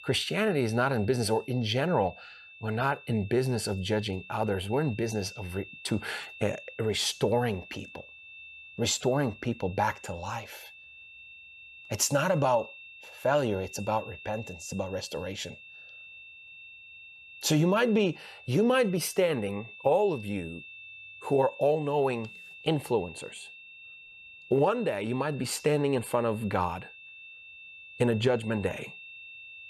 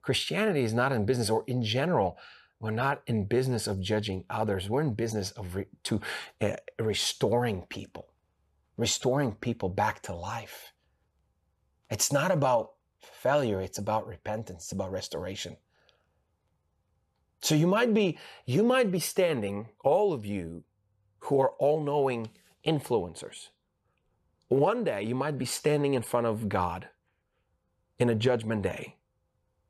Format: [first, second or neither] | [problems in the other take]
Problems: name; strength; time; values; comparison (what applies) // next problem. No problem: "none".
second | high-pitched whine; noticeable; throughout; 2.5 kHz, 15 dB below the speech